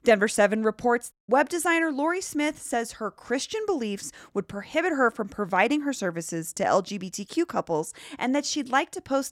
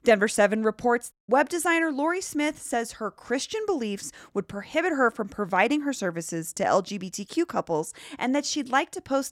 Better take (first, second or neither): neither